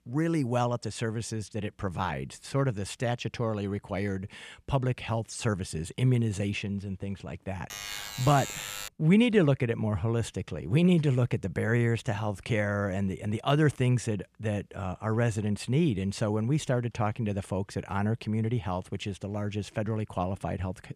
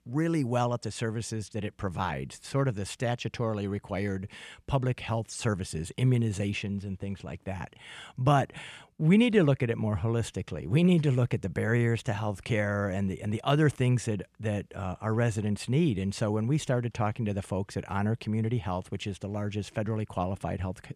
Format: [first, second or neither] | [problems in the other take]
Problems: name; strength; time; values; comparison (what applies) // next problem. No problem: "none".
second | alarm; noticeable; from 7.5 to 9 s; peak 6 dB below the speech